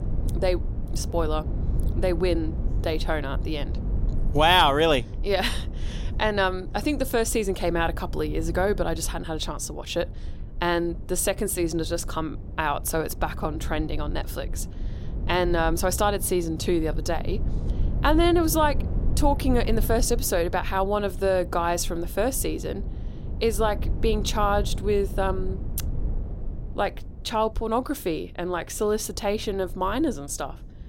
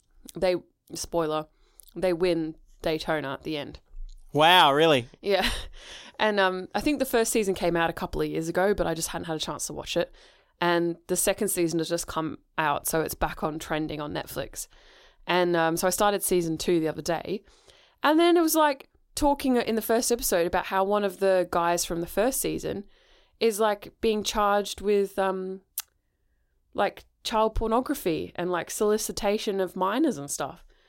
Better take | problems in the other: second | low rumble; noticeable; throughout; 20 dB below the speech

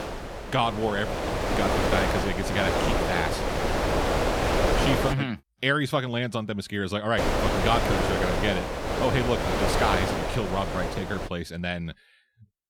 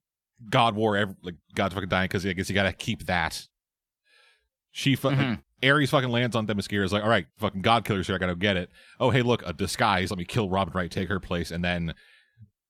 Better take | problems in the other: second | wind noise on the microphone; heavy; until 5 s and from 7 to 11 s; 2 dB above the speech

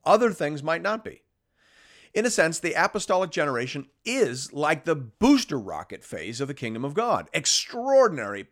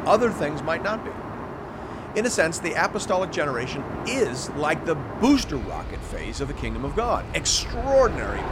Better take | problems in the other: first | train or aircraft noise; loud; throughout; 9 dB below the speech

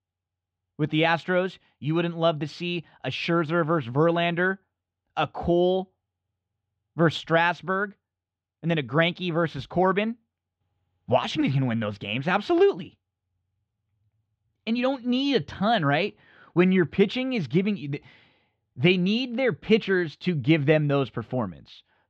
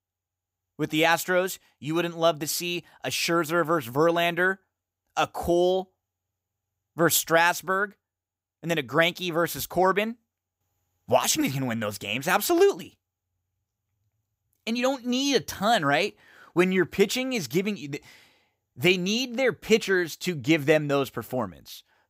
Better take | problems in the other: second | muffled; slightly; fading above 3.5 kHz

